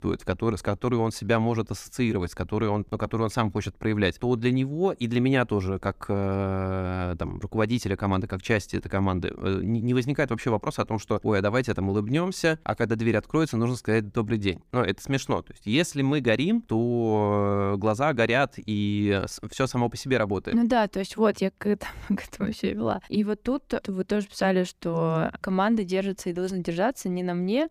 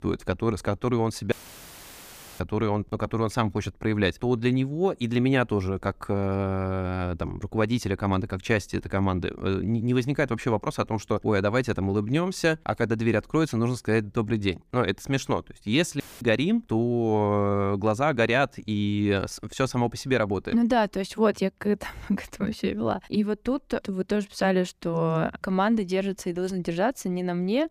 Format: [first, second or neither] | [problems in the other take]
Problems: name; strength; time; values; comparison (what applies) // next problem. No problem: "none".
first | audio cutting out; filled with static; at 1.5 s for 1 s and at 16 s